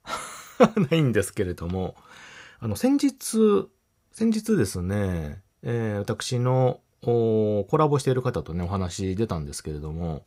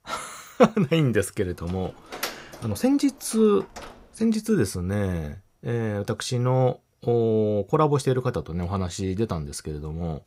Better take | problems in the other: first | door banging; noticeable; from 1.5 to 4 s; peak 8 dB below the speech

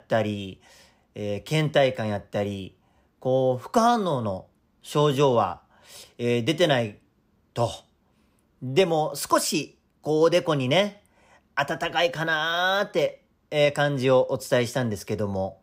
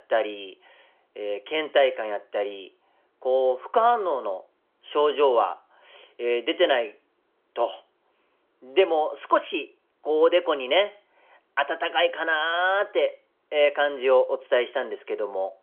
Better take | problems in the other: first | phone-call audio; nothing above 3.5 kHz

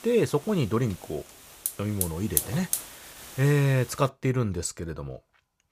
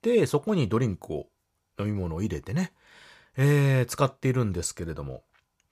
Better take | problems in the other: second | hiss; loud; until 4 s; 4 dB below the speech

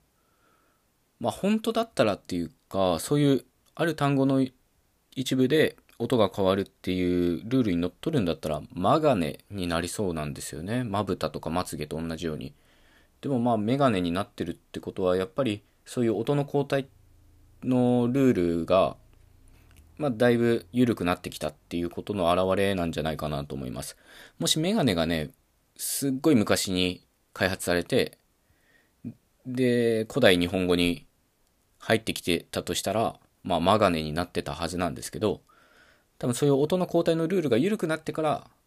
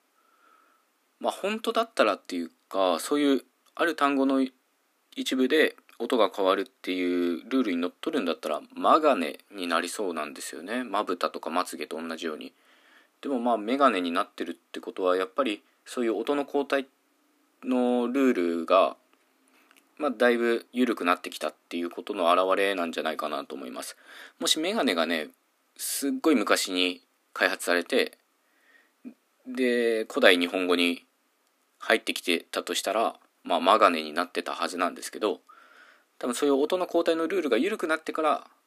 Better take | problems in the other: first | thin; very slightly; fading below 250 Hz

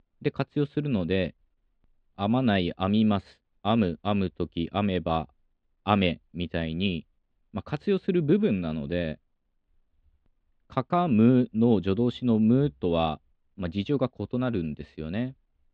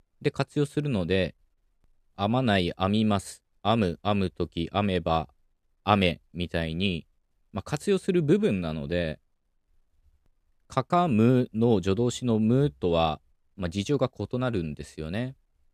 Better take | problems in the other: second | muffled; slightly; fading above 3.5 kHz

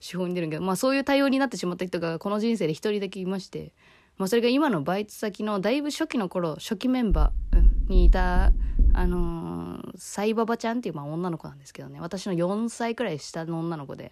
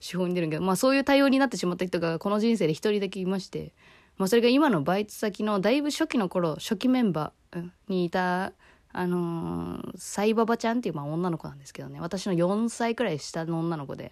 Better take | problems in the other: second | door banging; loud; from 7 to 9.5 s; peak 4 dB above the speech

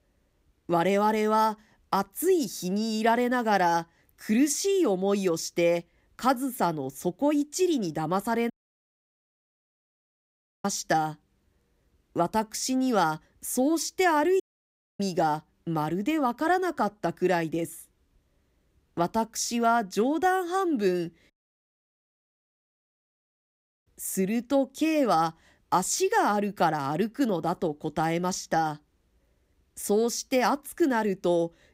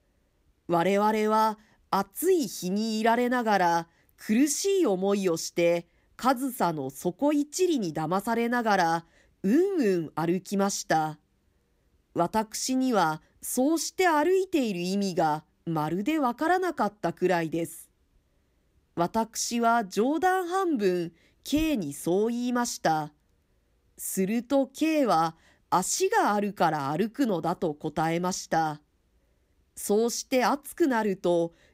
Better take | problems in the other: second | audio cutting out; at 8.5 s for 2 s, at 14 s for 0.5 s and at 21 s for 2.5 s

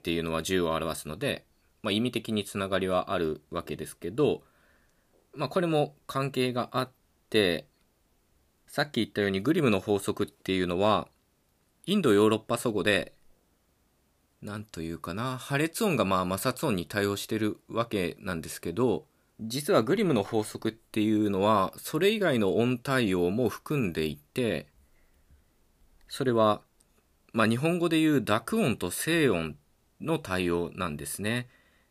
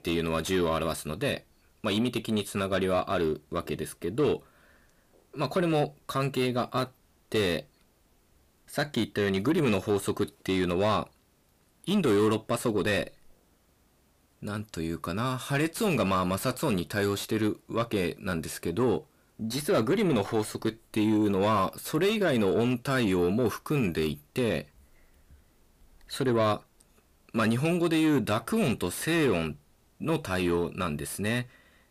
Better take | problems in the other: first | distortion; slight; 10 dB below the speech

